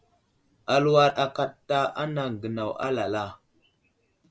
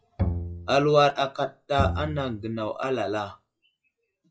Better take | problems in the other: first | noise reduction (classical method log-MMSE)

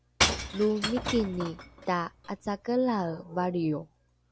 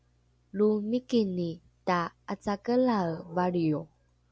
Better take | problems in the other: second | background sound (Shatter / Crushing); 4 dB below the speech

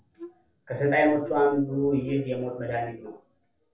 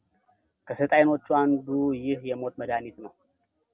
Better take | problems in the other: second | background sound (Wind instrument, woodwind instrument); 19 dB below the speech // room echo; dies away in 0.3 s

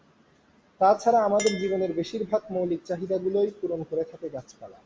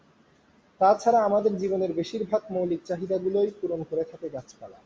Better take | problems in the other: second | background sound (Chink, clink); 19 dB below the speech

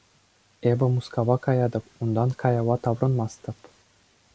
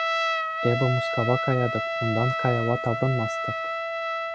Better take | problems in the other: first | background sound (Trumpet); 1 dB below the speech

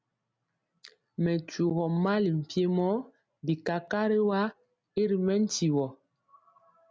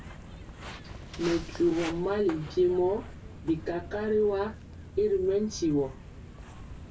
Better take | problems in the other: first | background sound (Walk, footsteps); 13 dB below the speech // room echo; dies away in 0.1 s

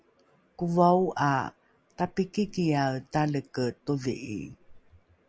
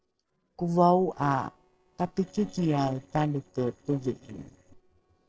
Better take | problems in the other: first | noise reduction (neural separator model SepFormer DNS4)

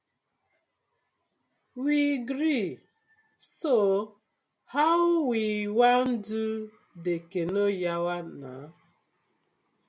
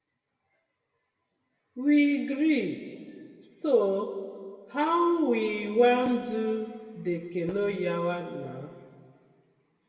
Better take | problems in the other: first | room echo; dies away in 1.8 s

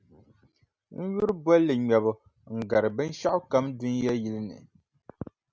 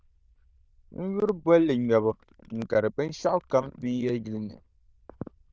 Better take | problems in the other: first | noise reduction (neural diffusion model UNIVERSE++)

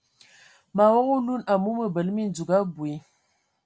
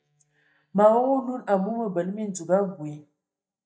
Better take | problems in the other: first | noise reduction (neural mask model DeepFilterNet 3)

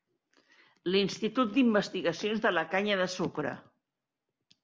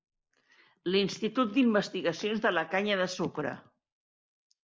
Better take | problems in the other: first | noise reduction (neural mask model Resemble Enhance denoiser)

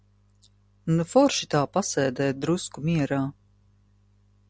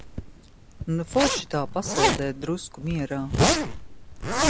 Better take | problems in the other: first | background sound (Zipper (clothing)); 2 dB above the speech

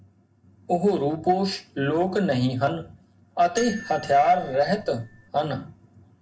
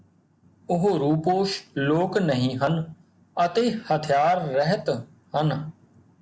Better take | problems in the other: second | background sound (Marimba, xylophone); 15 dB below the speech // room echo; dies away in 0.2 s

